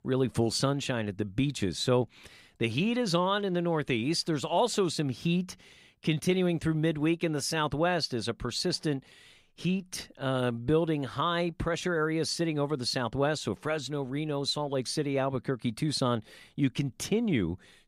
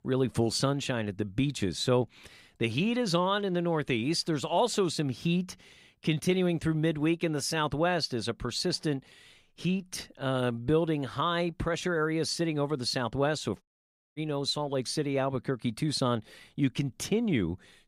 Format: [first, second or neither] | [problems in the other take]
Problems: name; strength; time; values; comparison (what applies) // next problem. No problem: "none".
first | audio cutting out; at 14 s for 0.5 s